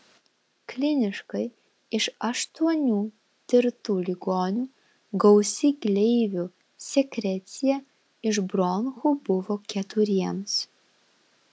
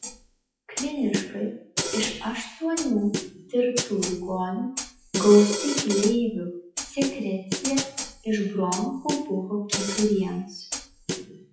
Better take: first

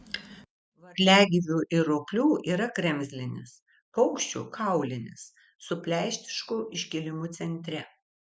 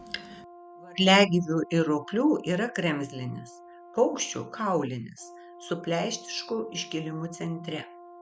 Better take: first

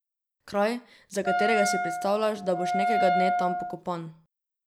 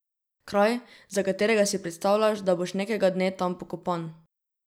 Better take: second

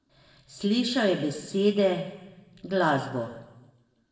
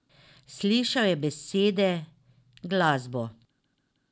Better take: second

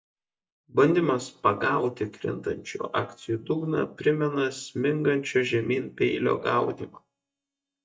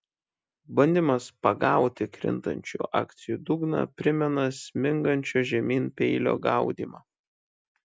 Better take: second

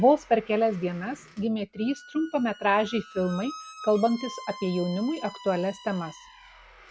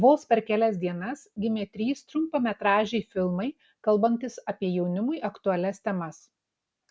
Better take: second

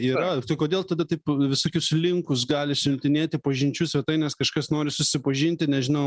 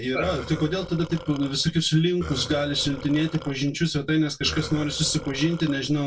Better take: first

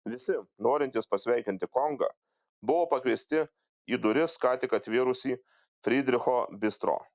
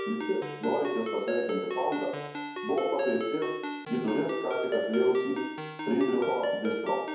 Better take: first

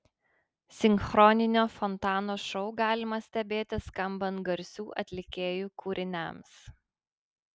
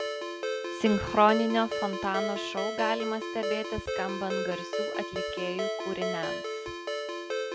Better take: first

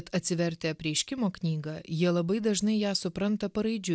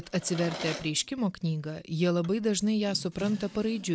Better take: first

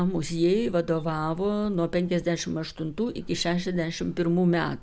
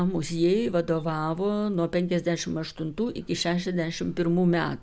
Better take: second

